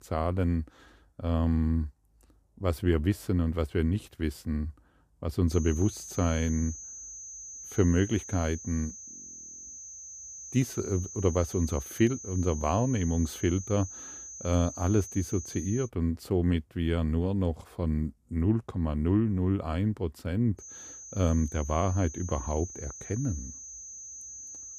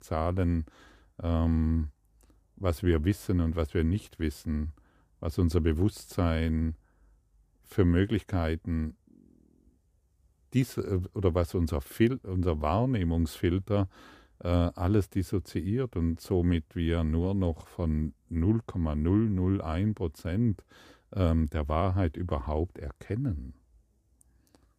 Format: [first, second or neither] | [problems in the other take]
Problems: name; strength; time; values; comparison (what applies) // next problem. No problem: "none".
second | high-pitched whine; noticeable; from 5.5 to 16 s and from 21 s on; 6 kHz, 10 dB below the speech